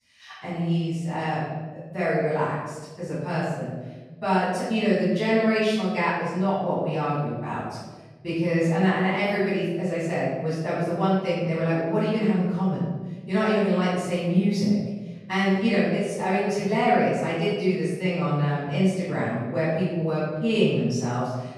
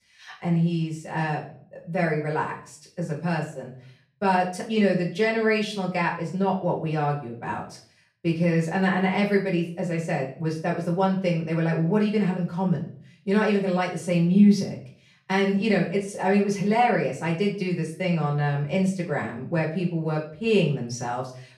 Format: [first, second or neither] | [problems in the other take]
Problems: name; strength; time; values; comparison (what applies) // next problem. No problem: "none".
second | room echo; strong; dies away in 1.2 s; slight in the second // off-mic speech; far; far in the second